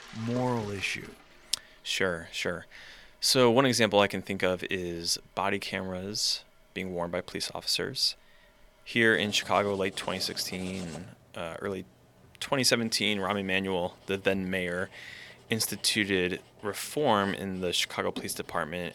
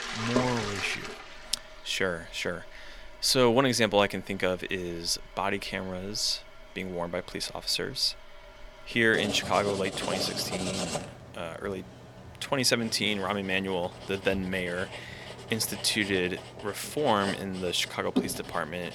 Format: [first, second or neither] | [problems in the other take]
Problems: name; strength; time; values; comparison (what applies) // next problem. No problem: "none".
first | household noises; loud; throughout; 8 dB below the speech; faint in the first